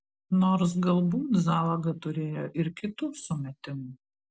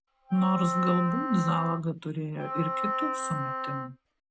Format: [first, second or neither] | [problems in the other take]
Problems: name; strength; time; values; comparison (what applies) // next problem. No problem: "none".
first | background sound (Wind instrument, woodwind instrument); 4 dB below the speech